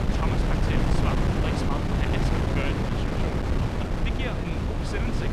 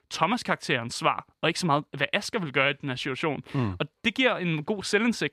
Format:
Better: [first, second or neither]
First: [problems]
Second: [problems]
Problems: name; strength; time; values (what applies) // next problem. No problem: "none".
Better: second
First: wind noise on the microphone; heavy; 5 dB above the speech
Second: none